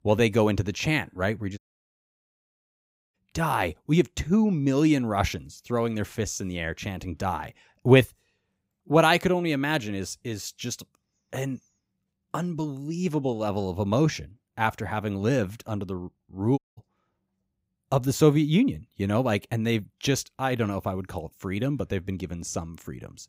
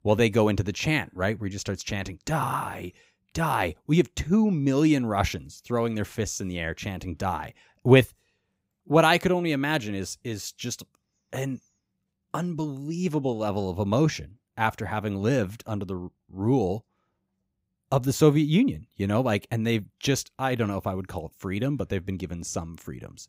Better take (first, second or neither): second